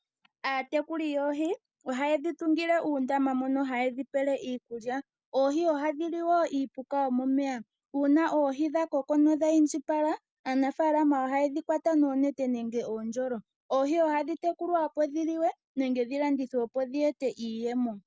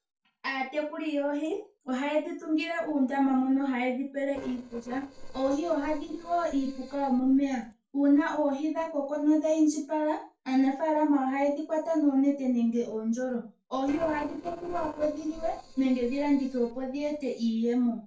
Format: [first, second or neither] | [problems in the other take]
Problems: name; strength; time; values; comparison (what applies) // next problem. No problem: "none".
first | noise reduction (neural separator model SepFormer DNS4)